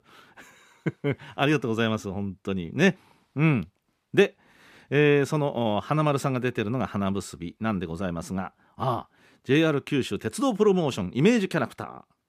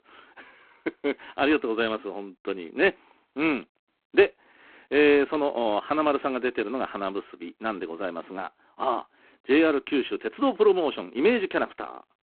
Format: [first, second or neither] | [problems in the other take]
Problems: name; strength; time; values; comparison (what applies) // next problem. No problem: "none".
first | phone-call audio; poor line; nothing above 3.5 kHz